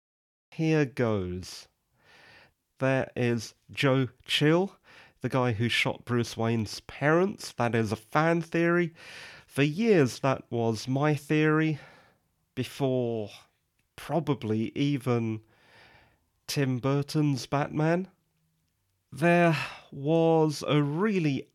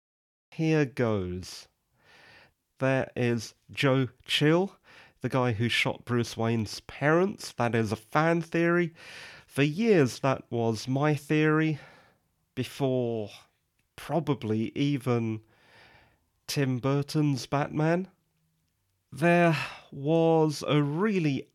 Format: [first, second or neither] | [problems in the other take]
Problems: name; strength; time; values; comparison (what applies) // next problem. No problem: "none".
neither | none